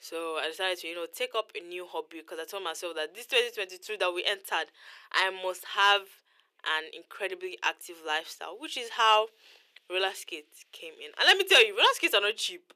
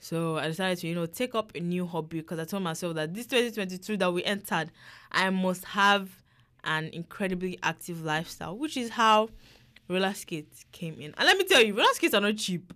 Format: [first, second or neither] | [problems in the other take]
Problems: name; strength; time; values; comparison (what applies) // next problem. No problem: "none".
second | thin; very; fading below 400 Hz